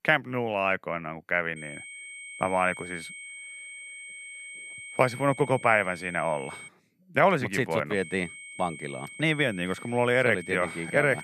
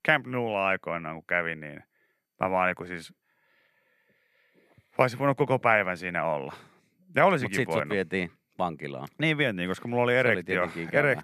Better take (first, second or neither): second